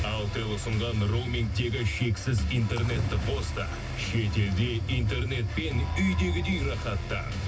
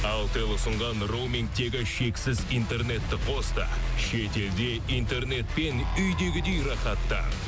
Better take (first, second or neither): second